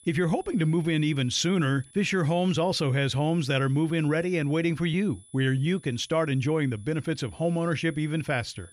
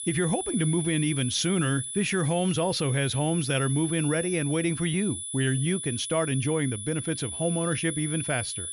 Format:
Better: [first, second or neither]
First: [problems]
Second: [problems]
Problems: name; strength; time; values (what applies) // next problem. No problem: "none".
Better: first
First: high-pitched whine; faint; throughout; 10 kHz, 25 dB below the speech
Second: high-pitched whine; loud; throughout; 10 kHz, 6 dB below the speech